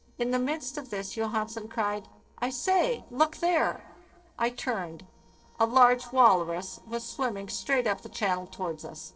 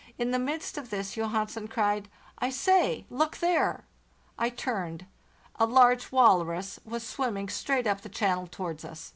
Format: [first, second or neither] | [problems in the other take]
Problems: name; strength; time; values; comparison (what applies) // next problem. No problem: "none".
second | noise reduction (neural separator model SepFormer DNS4)